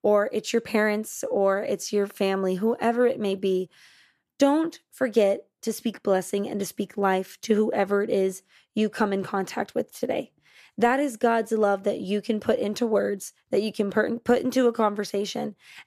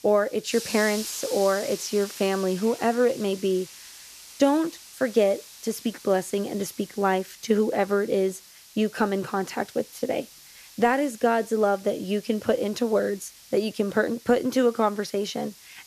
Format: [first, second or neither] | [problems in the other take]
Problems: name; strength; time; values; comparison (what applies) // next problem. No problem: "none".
first | hiss; noticeable; throughout; 15 dB below the speech